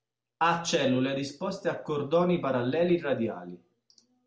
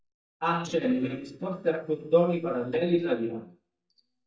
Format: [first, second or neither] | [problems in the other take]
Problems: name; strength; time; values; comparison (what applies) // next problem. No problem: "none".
first | noise reduction (neural mask model DeepFilterNet 3)